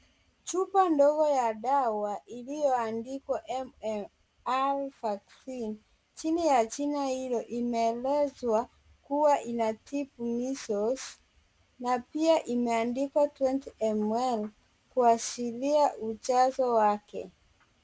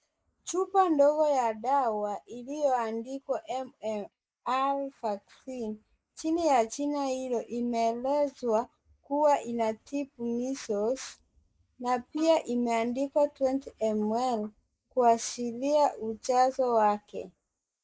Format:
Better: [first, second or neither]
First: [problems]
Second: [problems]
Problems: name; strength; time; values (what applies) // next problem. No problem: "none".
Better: first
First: none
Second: noise reduction (neural mask model Resemble Enhance denoiser)